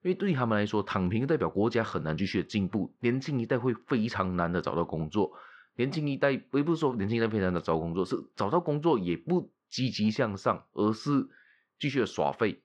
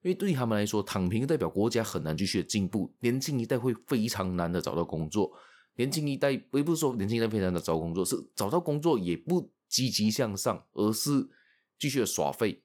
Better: second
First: muffled; slightly; fading above 3.5 kHz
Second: none

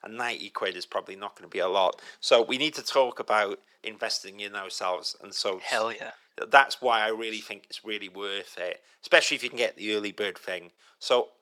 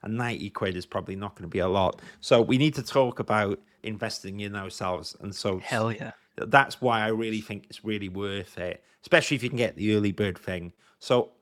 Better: second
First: thin; very; fading below 550 Hz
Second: none

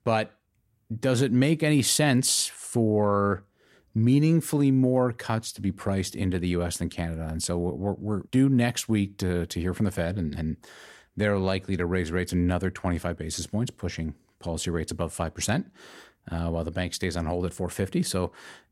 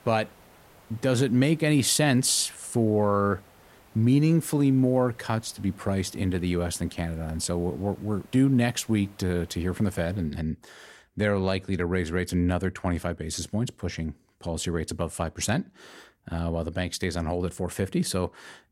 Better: first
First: none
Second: hiss; faint; until 10 s; 30 dB below the speech

